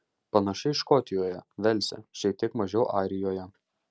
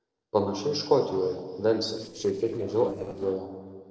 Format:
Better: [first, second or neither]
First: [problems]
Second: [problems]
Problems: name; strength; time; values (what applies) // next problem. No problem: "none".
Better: first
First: none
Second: noise reduction (neural separator model SepFormer DNS4)